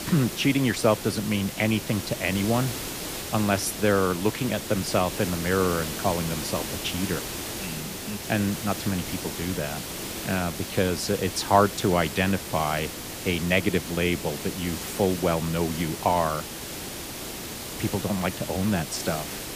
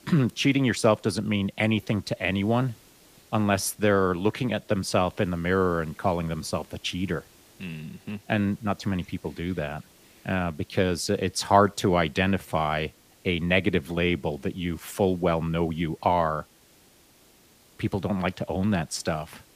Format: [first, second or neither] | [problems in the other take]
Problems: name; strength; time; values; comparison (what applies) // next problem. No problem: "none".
second | hiss; loud; throughout; 7 dB below the speech; faint in the second